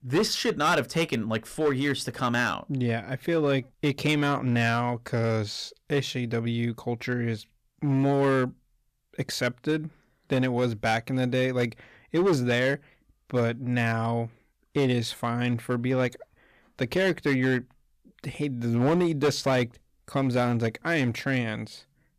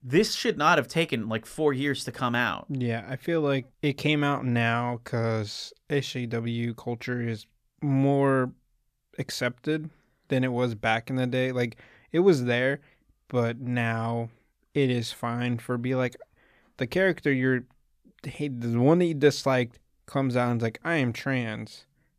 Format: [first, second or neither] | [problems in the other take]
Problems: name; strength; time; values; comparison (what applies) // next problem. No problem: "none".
second | distortion; slight; 6% of the sound clipped